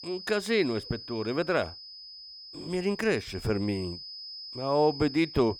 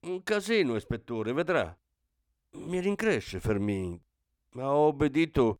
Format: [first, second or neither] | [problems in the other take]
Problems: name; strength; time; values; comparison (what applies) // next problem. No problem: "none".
second | high-pitched whine; noticeable; throughout; 5 kHz, 10 dB below the speech